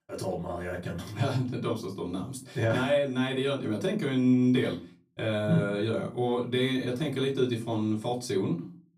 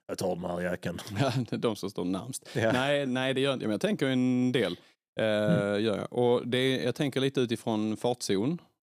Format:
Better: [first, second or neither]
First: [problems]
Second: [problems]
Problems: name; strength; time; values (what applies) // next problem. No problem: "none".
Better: second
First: off-mic speech; far // room echo; very slight; dies away in 0.3 s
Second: none